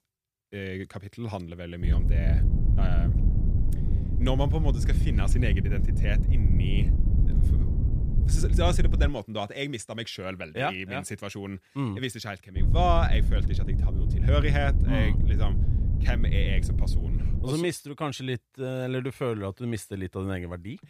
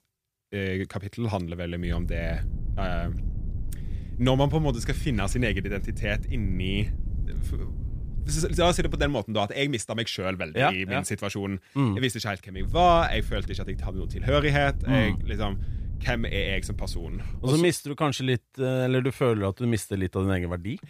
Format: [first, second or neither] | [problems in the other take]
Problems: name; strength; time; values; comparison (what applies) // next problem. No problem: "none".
second | wind noise on the microphone; heavy; from 2 to 9 s and from 13 to 17 s; 8 dB below the speech; occasional gusts in the second